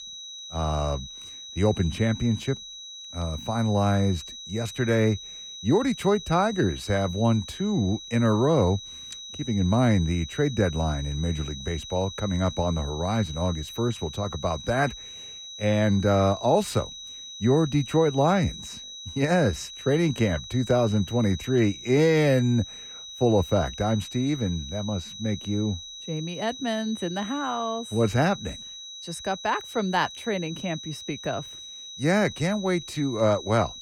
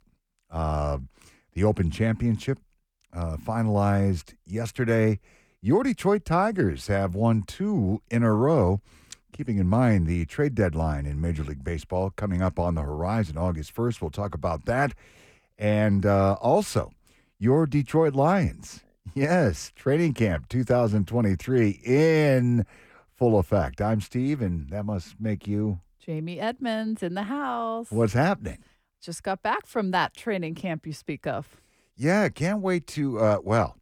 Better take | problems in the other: second | high-pitched whine; noticeable; throughout; 4 kHz, 10 dB below the speech

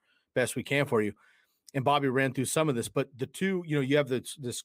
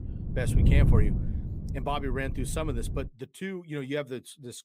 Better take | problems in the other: first | wind noise on the microphone; heavy; until 3 s; 5 dB below the speech

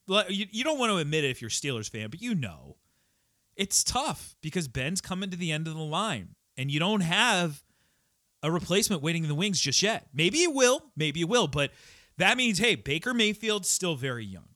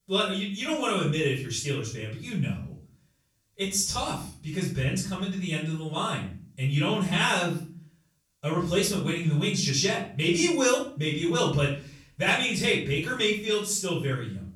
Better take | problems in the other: first | off-mic speech; far // room echo; noticeable; dies away in 0.4 s

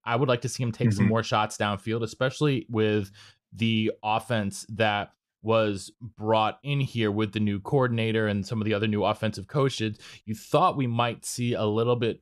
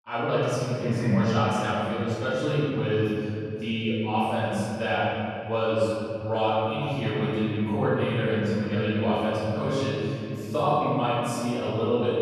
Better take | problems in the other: first | off-mic speech; far // room echo; strong; dies away in 2.5 s

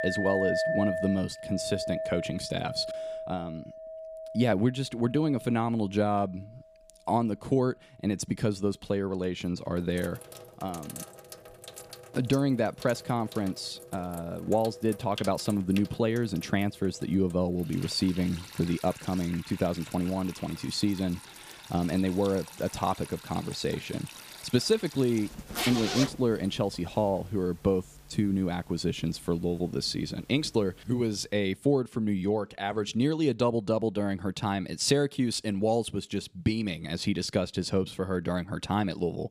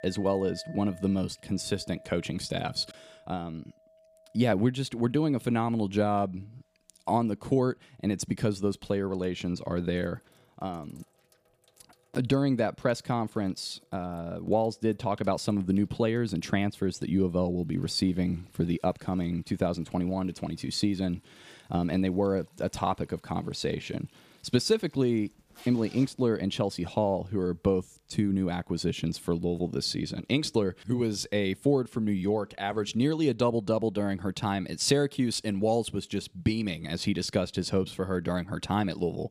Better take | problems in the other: second | household noises; loud; until 31 s; 9 dB below the speech; faint in the second

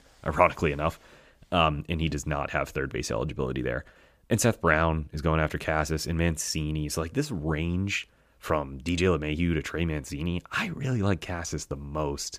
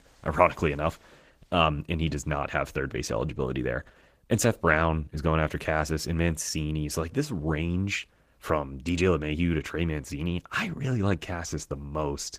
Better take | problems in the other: first | garbled, watery; slightly; nothing above 15 kHz

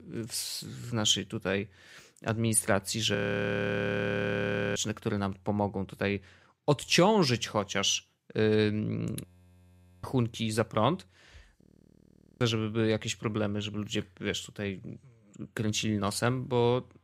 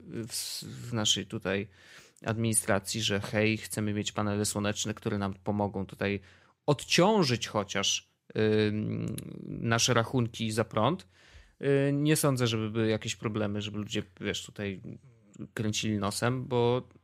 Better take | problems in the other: second | audio freezing; at 3 s for 1.5 s, at 9.5 s for 1 s and at 12 s for 1 s

